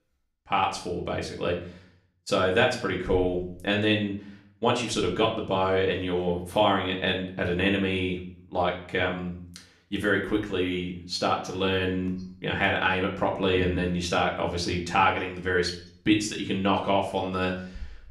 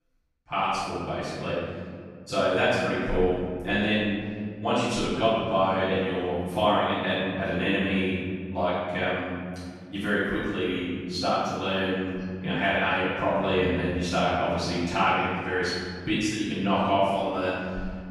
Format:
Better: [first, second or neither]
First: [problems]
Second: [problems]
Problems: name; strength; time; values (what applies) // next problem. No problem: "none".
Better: first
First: room echo; slight; dies away in 0.5 s // off-mic speech; somewhat distant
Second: room echo; strong; dies away in 2.1 s // off-mic speech; far